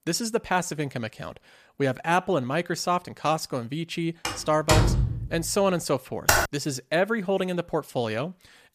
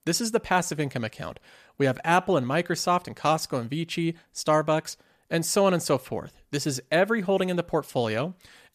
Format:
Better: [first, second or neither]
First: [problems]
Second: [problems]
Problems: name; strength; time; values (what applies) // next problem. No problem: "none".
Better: second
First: door banging; loud; from 4.5 to 5.5 s; peak 6 dB above the speech // keyboard typing; loud; at 6.5 s; peak 6 dB above the speech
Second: none